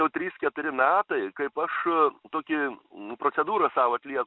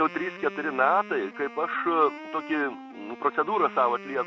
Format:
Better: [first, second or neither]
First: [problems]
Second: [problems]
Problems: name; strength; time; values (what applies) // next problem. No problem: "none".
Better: first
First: none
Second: background sound (Wind instrument, woodwind instrument); 15 dB below the speech